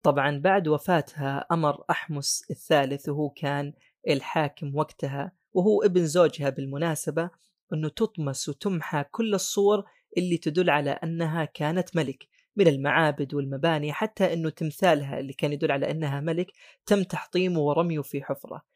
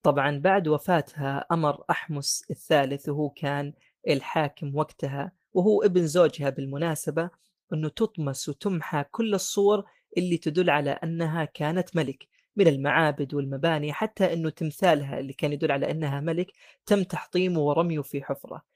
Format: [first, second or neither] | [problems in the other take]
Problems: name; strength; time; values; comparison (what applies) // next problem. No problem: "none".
first | garbled, watery; slightly; nothing above 15 kHz